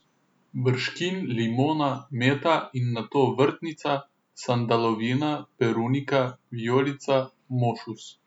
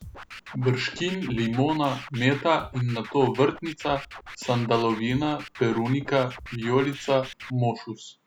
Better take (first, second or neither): first